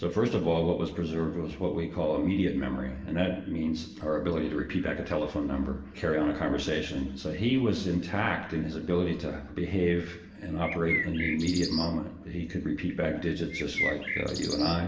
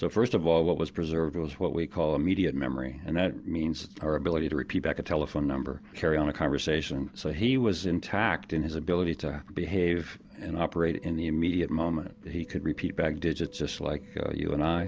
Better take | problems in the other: second | background sound (Bird); 5 dB below the speech // room echo; dies away in 0.8 s

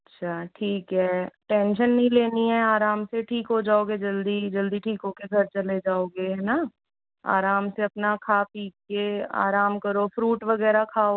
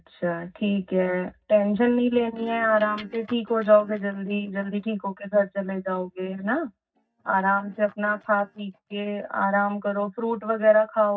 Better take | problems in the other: first | noise reduction (neural mask model DeepFilterNet 3)

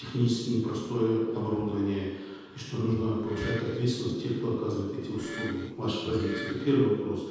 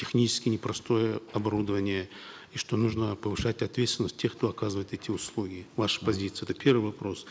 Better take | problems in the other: second | background sound (Wood); 14 dB below the speech // room echo; dies away in 1.2 s

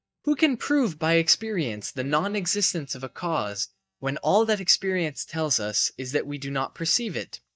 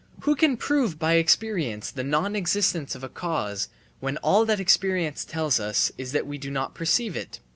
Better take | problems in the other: second | noise reduction (neural mask model DeepFilterNet 3)

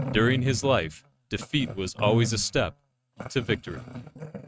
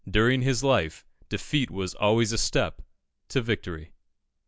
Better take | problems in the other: second | noise reduction (neural mask model RNNoise)

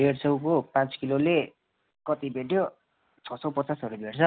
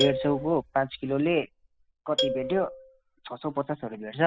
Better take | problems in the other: first | noise reduction (classical method spectral subtraction)

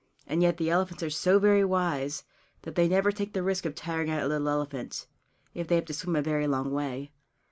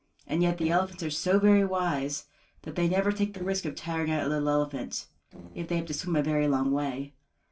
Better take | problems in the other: first | noise reduction (neural separator model SepFormer DNS4)

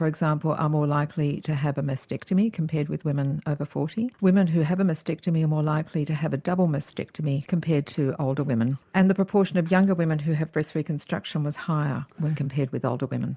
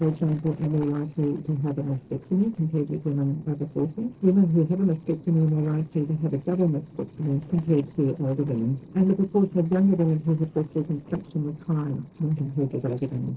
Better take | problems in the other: first | noise reduction (neural separator model SepFormer DNS4)

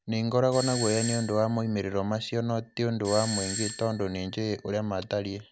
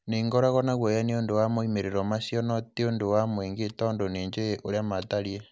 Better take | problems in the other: second | background sound (Doorbell); 10 dB below the speech

